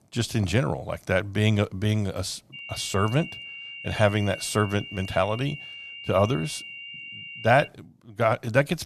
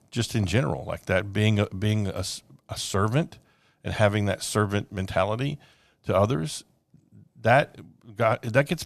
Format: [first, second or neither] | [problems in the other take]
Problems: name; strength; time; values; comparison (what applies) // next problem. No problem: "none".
second | high-pitched whine; noticeable; from 2.5 to 7.5 s; 3 kHz, 10 dB below the speech